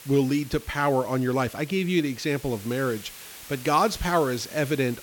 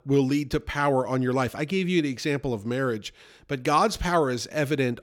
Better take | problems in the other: second | hiss; noticeable; throughout; 15 dB below the speech

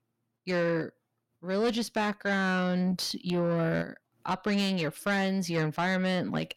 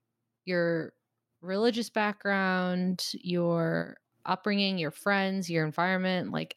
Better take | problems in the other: second | distortion; slight; 10 dB below the speech

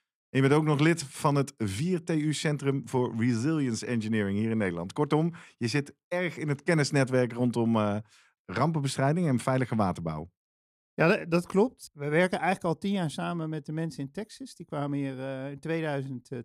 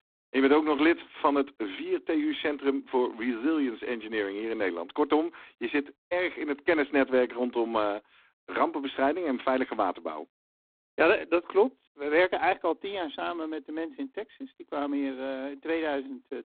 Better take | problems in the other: first | phone-call audio; poor line; nothing above 4 kHz

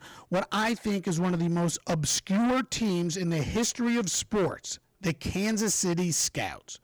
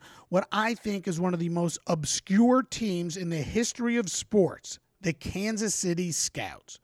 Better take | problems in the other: second | distortion; heavy; 15% of the sound clipped

